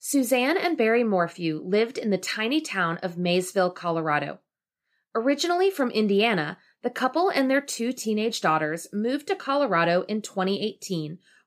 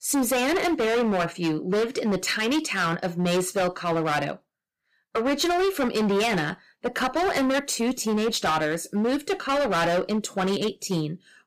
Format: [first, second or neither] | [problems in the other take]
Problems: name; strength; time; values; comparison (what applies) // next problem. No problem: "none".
first | distortion; heavy; 20% of the sound clipped